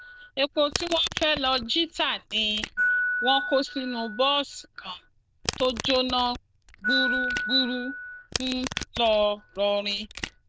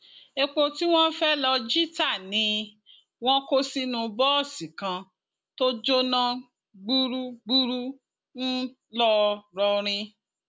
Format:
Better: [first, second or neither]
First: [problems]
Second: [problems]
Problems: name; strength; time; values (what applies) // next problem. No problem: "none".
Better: second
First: noise reduction (neural diffusion model UNIVERSE++)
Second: none